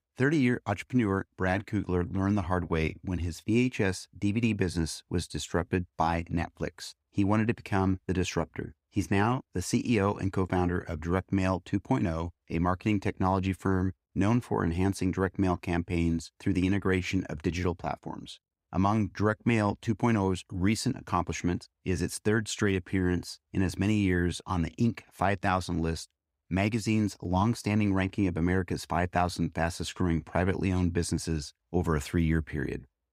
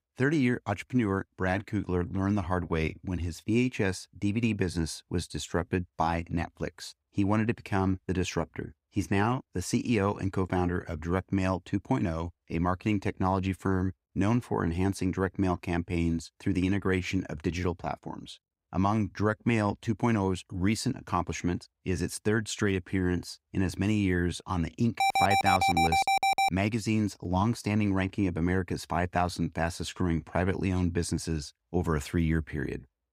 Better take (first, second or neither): first